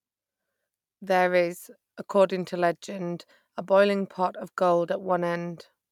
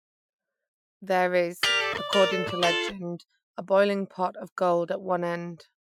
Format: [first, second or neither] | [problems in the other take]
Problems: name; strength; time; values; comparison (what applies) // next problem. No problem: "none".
first | noise reduction (classical method Wiener filter)